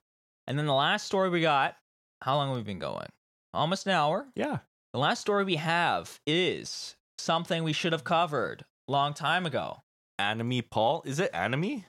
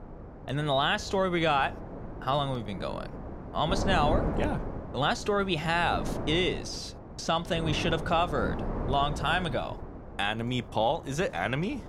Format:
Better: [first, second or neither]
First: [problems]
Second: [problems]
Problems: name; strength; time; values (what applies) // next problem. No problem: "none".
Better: first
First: none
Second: wind noise on the microphone; occasional gusts; 10 dB below the speech